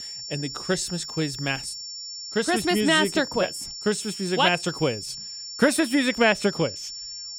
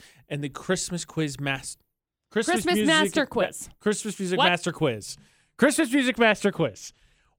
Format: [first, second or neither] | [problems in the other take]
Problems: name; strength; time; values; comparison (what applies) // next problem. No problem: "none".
second | high-pitched whine; loud; throughout; 5.5 kHz, 9 dB below the speech